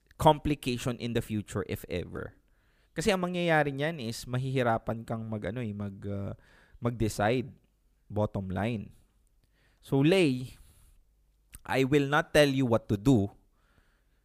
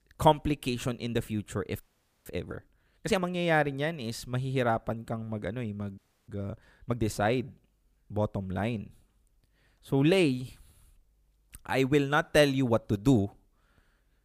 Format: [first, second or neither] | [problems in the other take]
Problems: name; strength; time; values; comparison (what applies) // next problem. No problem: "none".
first | audio freezing; at 2 s and at 6 s